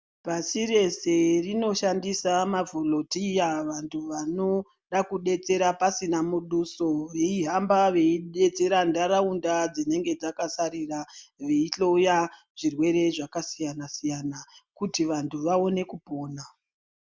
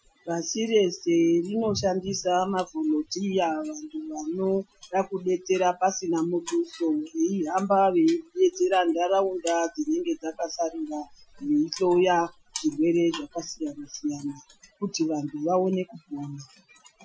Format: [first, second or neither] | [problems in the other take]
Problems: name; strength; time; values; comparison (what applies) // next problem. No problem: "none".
first | noise reduction (classical method Wiener filter)